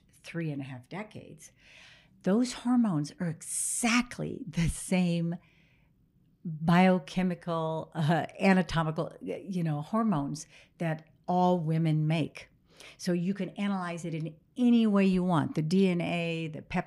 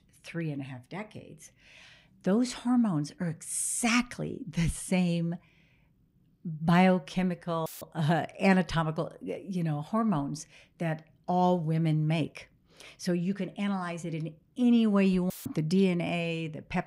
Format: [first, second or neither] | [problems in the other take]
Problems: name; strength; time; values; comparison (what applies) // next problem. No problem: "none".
first | audio cutting out; filled with static; at 7.5 s and at 15 s